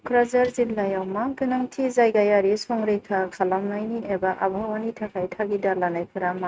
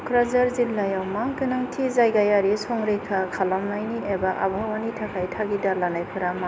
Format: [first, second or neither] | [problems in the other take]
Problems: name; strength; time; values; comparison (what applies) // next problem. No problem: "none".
second | noise reduction (neural mask model RNNoise)